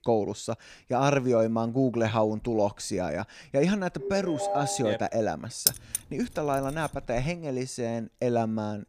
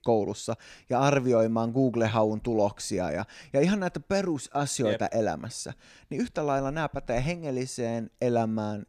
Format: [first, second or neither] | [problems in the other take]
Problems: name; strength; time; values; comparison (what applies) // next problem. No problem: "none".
second | phone ringing; noticeable; from 4 to 5 s; peak 2 dB below the speech // jangling keys; loud; at 5.5 s; peak 3 dB above the speech